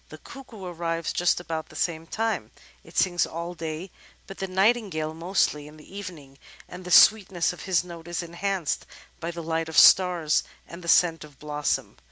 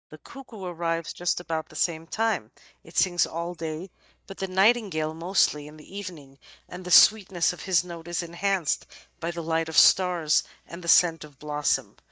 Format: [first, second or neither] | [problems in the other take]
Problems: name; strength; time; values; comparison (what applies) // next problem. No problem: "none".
first | noise reduction (neural mask model DeepFilterNet 3)